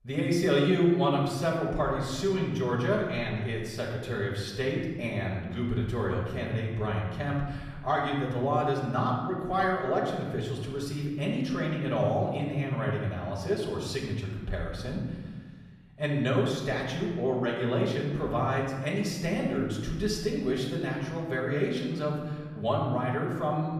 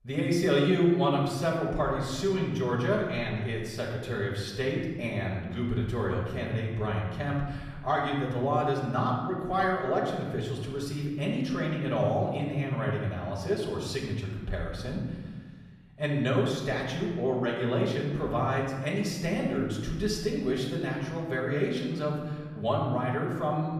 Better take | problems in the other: neither | off-mic speech; far; the same in both // room echo; noticeable; dies away in 1.3 s; the same in both

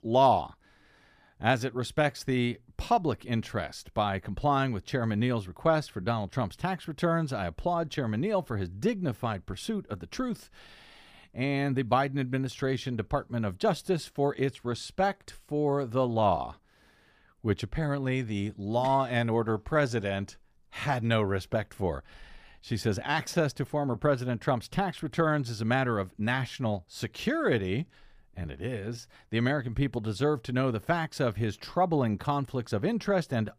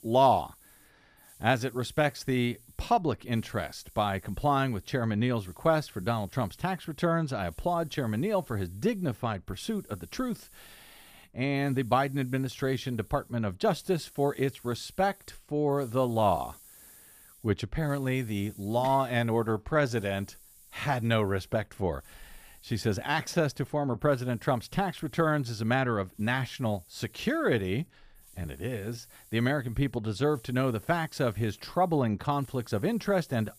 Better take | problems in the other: first | hiss; faint; throughout; 25 dB below the speech

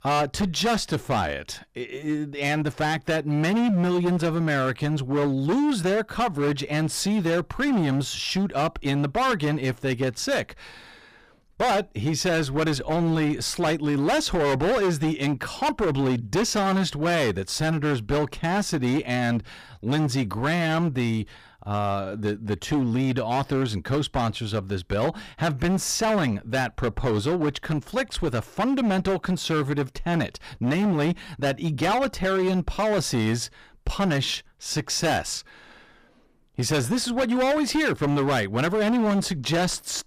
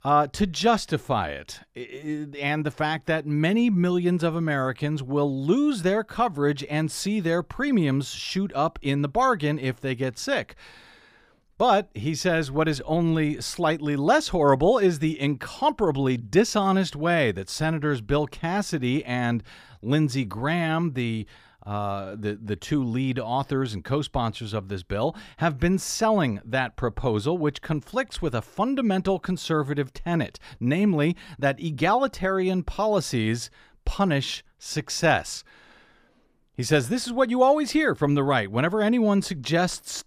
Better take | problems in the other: second | distortion; heavy; 18% of the sound clipped

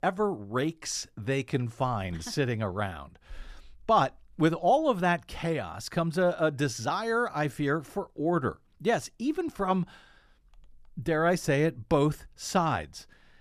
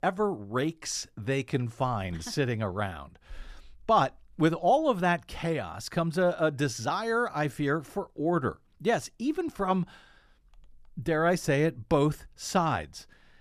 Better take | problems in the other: neither | none

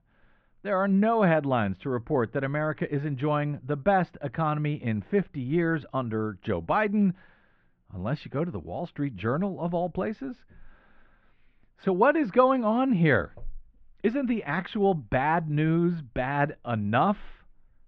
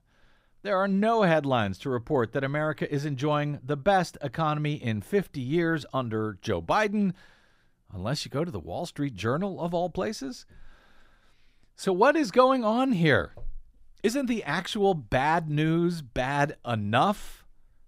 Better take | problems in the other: second | muffled; very; fading above 2.5 kHz

